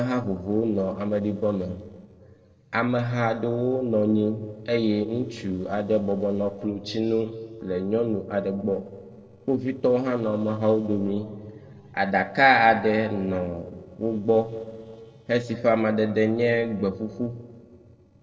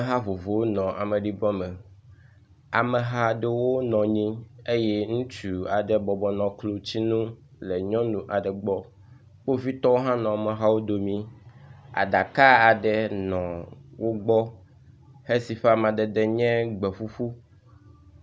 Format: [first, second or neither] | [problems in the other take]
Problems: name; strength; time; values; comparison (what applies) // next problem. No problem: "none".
second | noise reduction (neural separator model SepFormer DNS4)